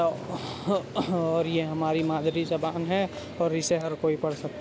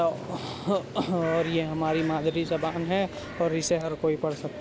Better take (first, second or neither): first